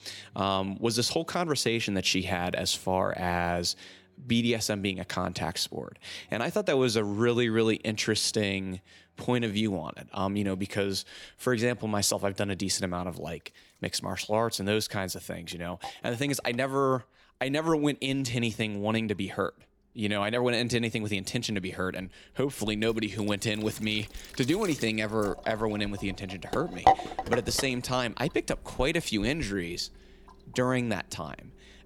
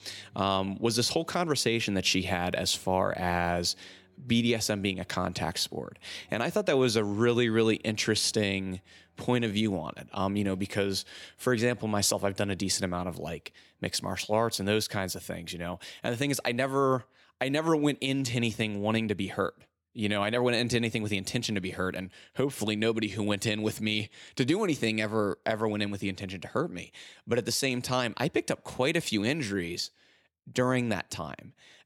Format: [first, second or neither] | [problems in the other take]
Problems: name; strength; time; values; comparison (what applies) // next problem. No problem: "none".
second | household noises; loud; throughout; 6 dB below the speech